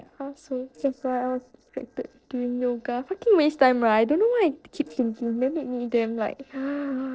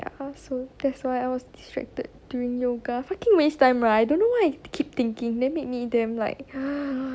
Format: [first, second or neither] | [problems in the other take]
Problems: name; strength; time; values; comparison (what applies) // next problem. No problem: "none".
second | noise reduction (neural separator model SepFormer DNS4)